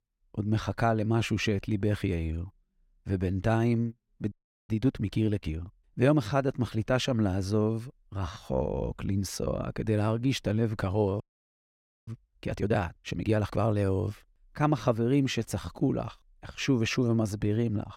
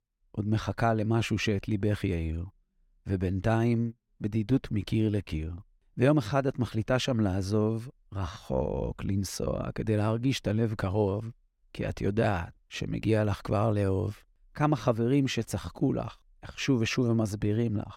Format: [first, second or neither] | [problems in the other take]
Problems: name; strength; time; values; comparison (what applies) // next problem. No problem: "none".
second | audio freezing; at 4.5 s and at 11 s for 1 s